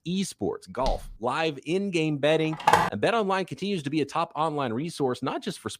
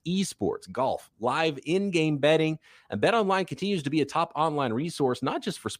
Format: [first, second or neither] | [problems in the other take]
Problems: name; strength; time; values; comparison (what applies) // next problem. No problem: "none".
second | footsteps; noticeable; at 1 s; peak 10 dB below the speech // phone ringing; loud; at 2.5 s; peak 6 dB above the speech